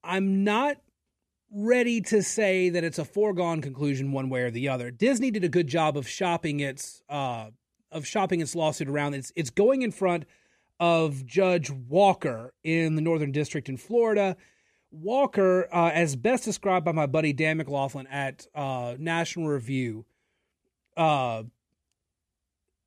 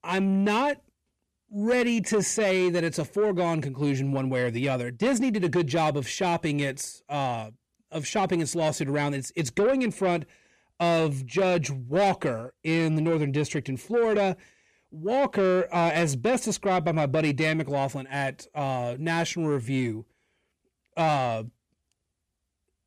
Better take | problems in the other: first | distortion; slight; 10 dB below the speech

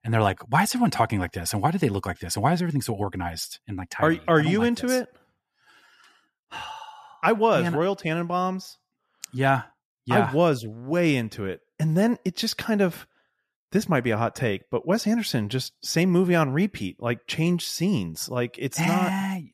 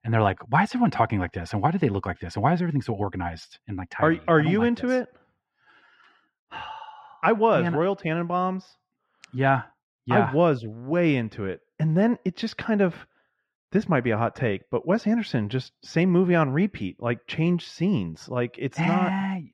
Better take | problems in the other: first | muffled; slightly; fading above 2.5 kHz

